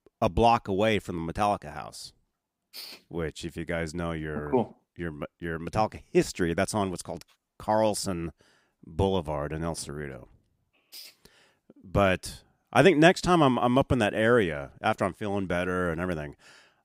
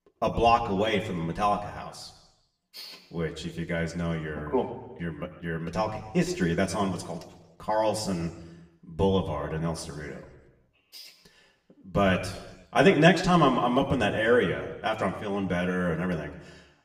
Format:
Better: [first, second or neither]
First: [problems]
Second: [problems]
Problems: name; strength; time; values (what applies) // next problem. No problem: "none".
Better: first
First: none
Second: room echo; slight; dies away in 1 s // off-mic speech; somewhat distant